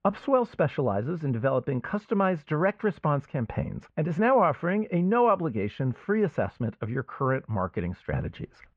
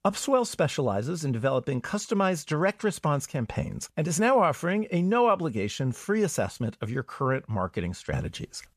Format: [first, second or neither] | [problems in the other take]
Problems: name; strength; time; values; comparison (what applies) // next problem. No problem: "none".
second | muffled; very; fading above 2 kHz